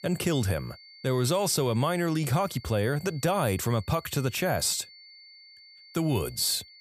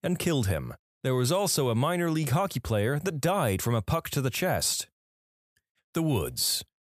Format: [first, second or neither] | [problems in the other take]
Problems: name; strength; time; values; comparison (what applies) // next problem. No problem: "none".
second | high-pitched whine; faint; throughout; 4.5 kHz, 20 dB below the speech